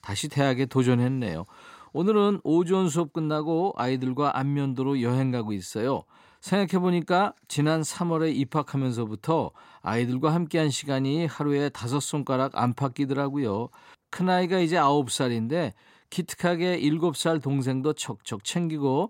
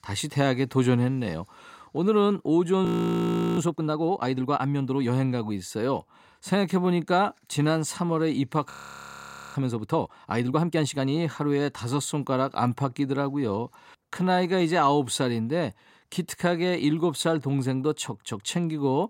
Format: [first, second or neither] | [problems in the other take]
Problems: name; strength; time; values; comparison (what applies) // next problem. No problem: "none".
first | audio freezing; at 3 s for 0.5 s and at 8.5 s for 1 s